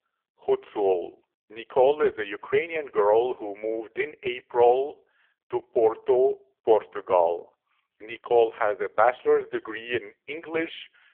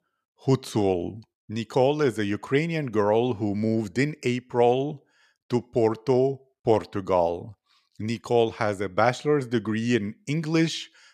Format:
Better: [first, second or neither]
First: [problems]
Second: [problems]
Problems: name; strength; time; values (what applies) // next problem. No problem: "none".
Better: second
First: phone-call audio; poor line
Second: none